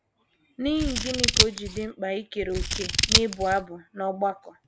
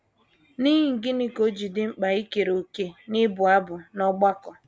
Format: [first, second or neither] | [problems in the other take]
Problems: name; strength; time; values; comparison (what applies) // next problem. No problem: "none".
second | background sound (Scissors); 4 dB above the speech